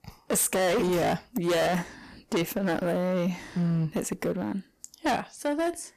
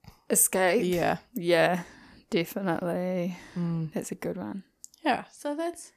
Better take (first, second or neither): second